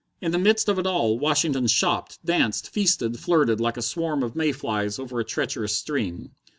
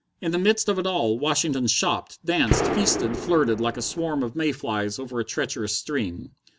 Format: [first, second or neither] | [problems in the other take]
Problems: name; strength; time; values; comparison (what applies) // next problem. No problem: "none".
first | background sound (Gunshot, gunfire); 3 dB below the speech